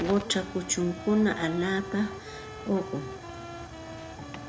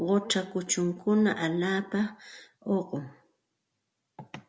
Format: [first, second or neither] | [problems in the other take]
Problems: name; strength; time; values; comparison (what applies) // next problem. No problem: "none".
second | background sound (Tick / Hiss / Explosion / Fire + Wind instrument, woodwind instrument); 10 dB below the speech